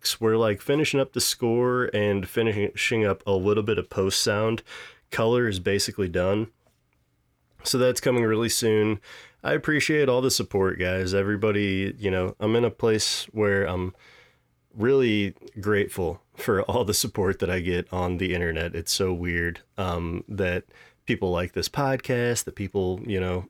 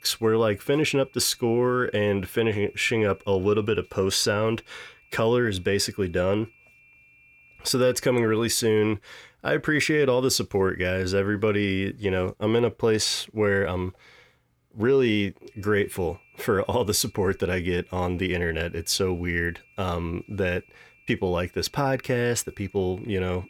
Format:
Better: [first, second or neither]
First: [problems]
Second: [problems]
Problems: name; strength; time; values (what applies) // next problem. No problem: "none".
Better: first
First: none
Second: high-pitched whine; faint; until 8.5 s and from 15 s on; 2.5 kHz, 30 dB below the speech